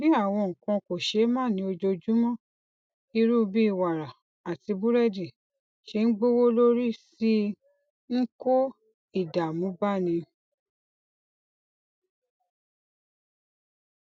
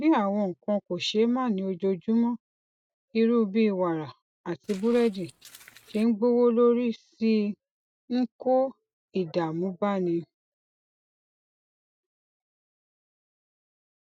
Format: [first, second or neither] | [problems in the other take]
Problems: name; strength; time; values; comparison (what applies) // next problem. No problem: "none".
first | noise reduction (neural mask model RNNoise)